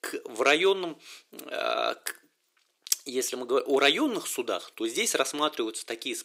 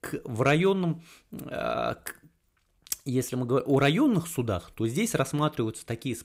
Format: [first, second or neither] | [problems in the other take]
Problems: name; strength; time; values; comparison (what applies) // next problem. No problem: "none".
second | thin; somewhat; fading below 350 Hz